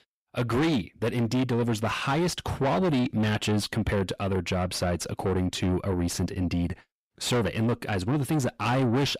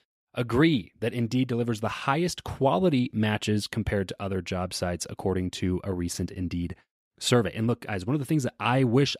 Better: second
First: distortion; heavy; 7 dB below the speech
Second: none

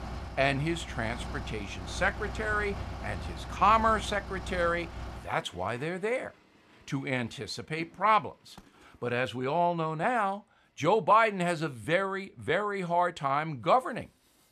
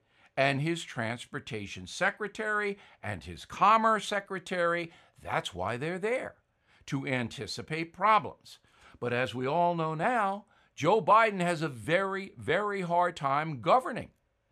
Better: second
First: traffic noise; noticeable; throughout; 10 dB below the speech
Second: none

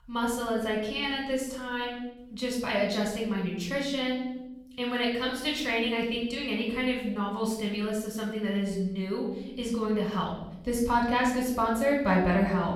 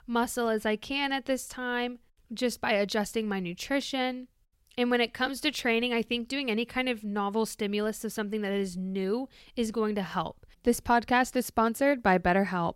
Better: second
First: off-mic speech; far // room echo; noticeable; dies away in 1 s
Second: none

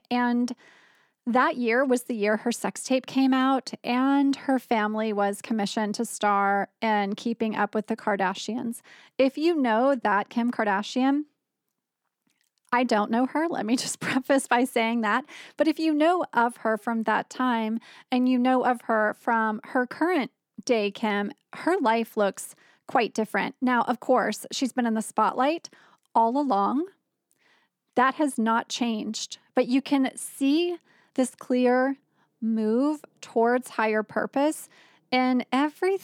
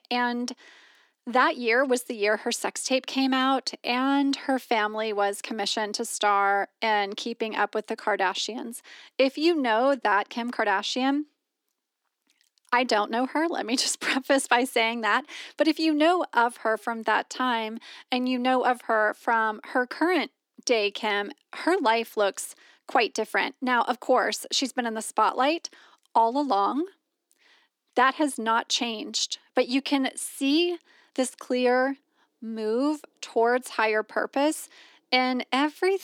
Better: first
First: none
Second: thin; very slightly; fading below 300 Hz

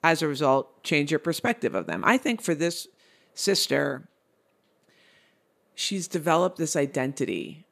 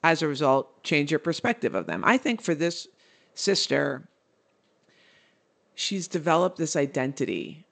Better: first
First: none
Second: garbled, watery; slightly; nothing above 7.5 kHz

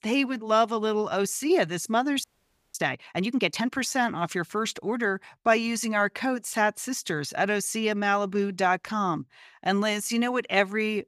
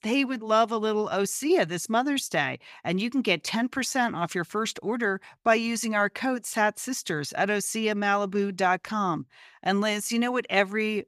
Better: second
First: audio freezing; at 2 s for 0.5 s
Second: none

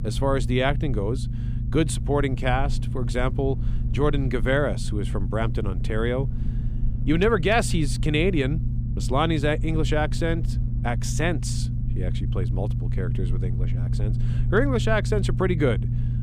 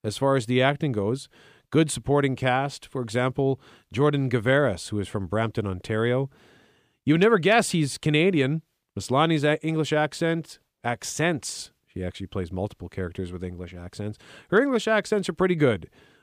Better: second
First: low rumble; noticeable; throughout; 15 dB below the speech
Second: none

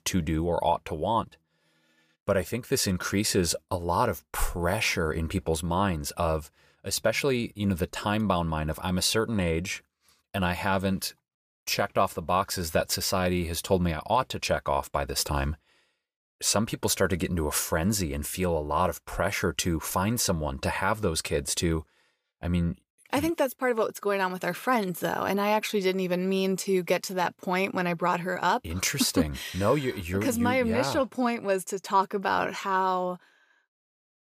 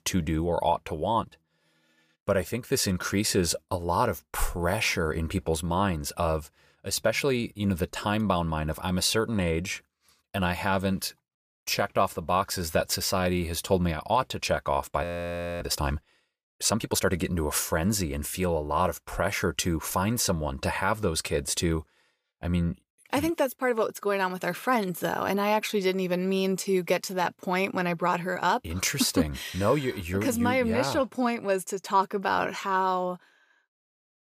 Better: first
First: none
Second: audio freezing; at 15 s for 0.5 s

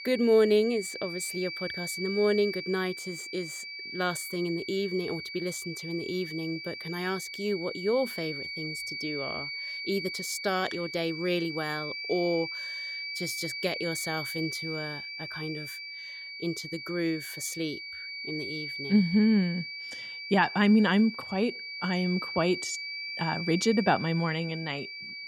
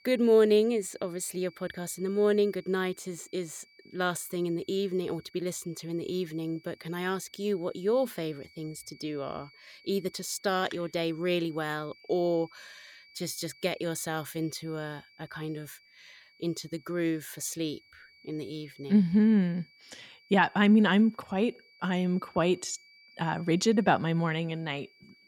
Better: second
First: high-pitched whine; loud; throughout; 2.5 kHz, 6 dB below the speech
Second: high-pitched whine; faint; throughout; 2.5 kHz, 25 dB below the speech

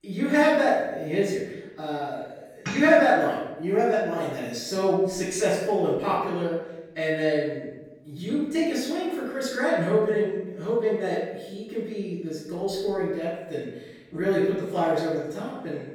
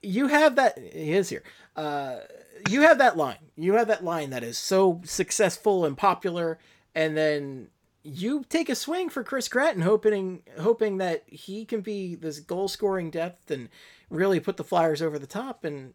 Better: second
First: off-mic speech; far // room echo; noticeable; dies away in 0.9 s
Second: none

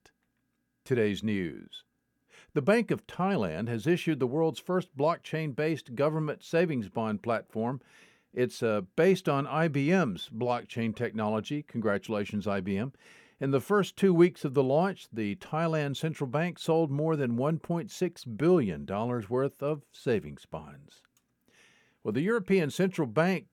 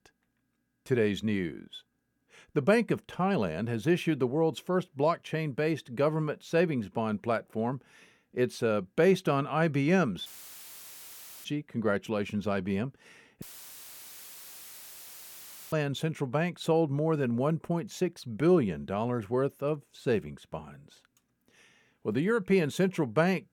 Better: first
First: none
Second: audio cutting out; filled with static; at 10 s for 1 s and at 13 s for 2.5 s

